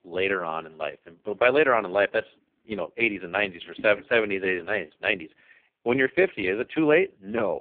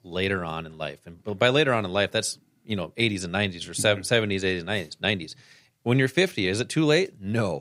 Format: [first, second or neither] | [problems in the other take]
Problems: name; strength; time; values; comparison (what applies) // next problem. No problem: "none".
second | phone-call audio; poor line